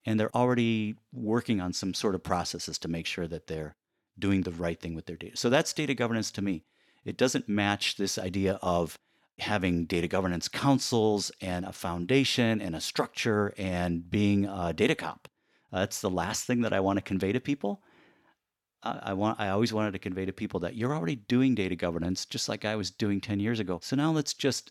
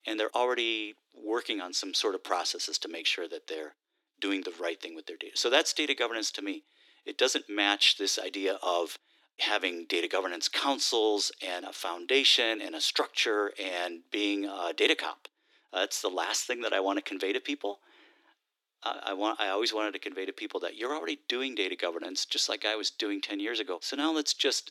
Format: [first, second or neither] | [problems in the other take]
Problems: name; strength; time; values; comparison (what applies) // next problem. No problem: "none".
first | thin; somewhat; fading below 300 Hz